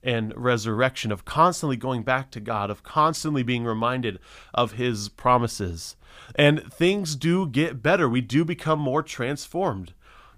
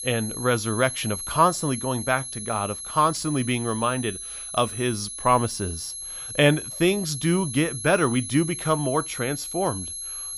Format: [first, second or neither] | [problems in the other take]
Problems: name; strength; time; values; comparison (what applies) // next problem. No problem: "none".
first | high-pitched whine; loud; throughout; 11 kHz, 7 dB below the speech